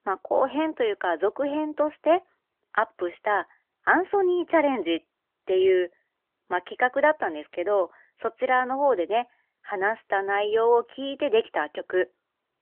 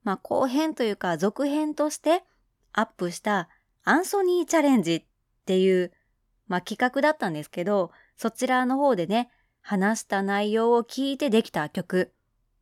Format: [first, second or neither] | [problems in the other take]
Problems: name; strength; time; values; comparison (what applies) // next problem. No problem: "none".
second | phone-call audio; nothing above 3.5 kHz